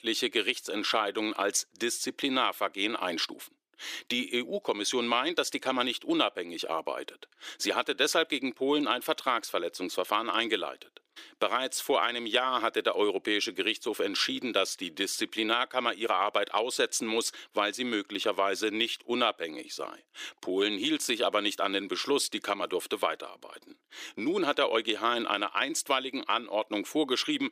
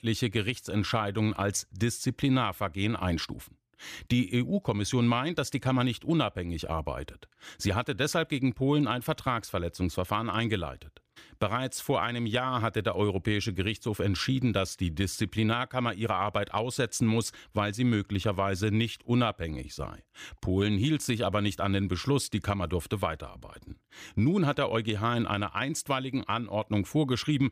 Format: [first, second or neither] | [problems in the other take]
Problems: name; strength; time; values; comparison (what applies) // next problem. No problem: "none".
second | thin; somewhat; fading below 350 Hz